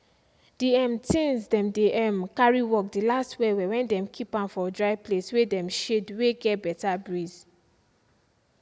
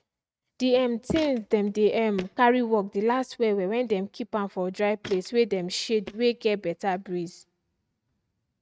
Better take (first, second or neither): first